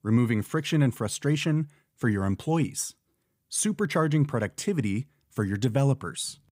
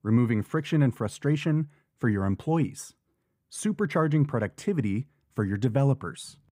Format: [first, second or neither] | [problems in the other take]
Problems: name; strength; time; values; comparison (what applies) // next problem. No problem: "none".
first | muffled; slightly; fading above 2.5 kHz